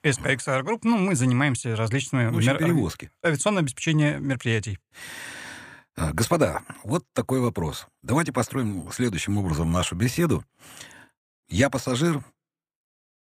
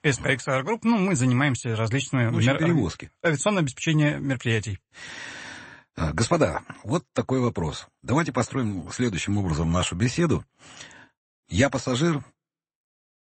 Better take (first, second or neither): first